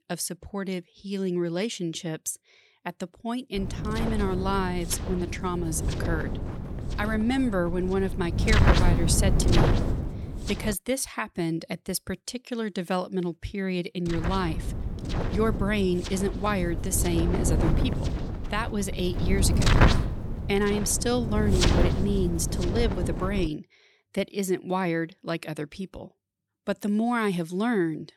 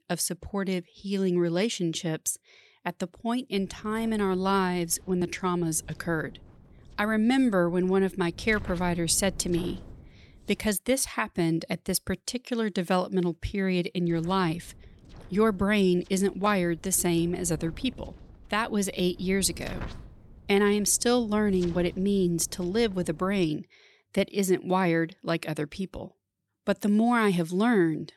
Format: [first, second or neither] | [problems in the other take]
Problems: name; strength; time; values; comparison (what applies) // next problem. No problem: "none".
second | wind noise on the microphone; heavy; from 3.5 to 11 s and from 14 to 23 s; 2 dB below the speech; occasional gusts in the second